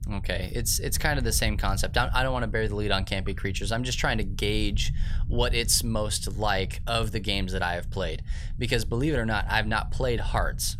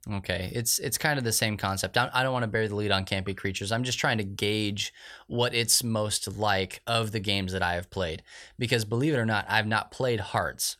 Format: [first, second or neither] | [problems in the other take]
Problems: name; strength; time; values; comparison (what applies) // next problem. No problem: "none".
second | low rumble; faint; throughout; 25 dB below the speech